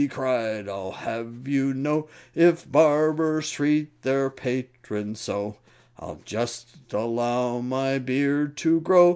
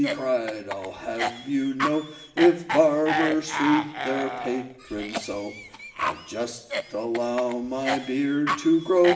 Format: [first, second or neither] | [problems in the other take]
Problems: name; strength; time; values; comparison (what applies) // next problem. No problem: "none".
first | background sound (Cough); 7 dB below the speech // room echo; dies away in 0.9 s